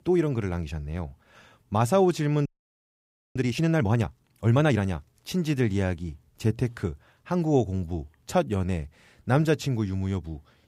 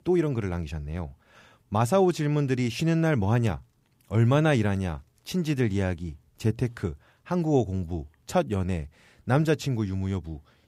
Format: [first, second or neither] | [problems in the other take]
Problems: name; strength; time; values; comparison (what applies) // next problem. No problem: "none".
second | audio freezing; at 2.5 s for 1 s